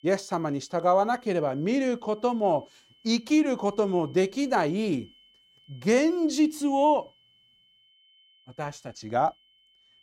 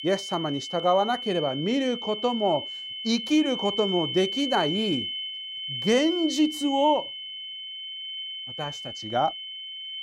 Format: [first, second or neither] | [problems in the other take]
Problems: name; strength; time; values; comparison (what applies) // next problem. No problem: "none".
first | high-pitched whine; loud; throughout; 3 kHz, 6 dB below the speech; faint in the first